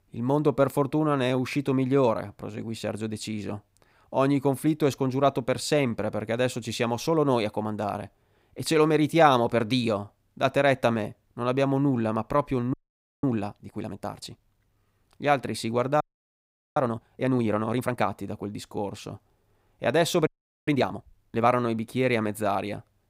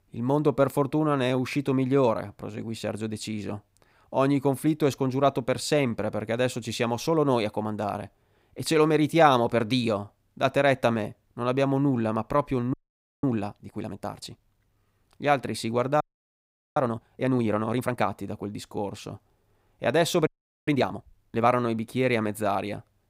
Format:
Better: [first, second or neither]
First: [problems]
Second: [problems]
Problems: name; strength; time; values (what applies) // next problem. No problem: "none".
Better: neither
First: audio freezing; at 13 s, at 16 s for 1 s and at 20 s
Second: audio freezing; at 13 s, at 16 s for 1 s and at 20 s